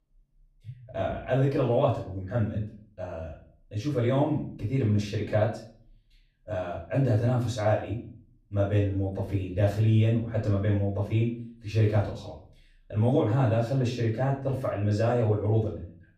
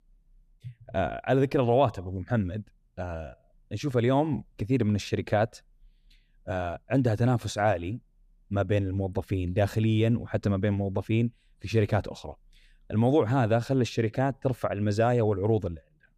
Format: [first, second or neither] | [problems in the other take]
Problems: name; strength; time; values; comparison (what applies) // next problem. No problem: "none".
second | off-mic speech; far // room echo; slight; dies away in 0.4 s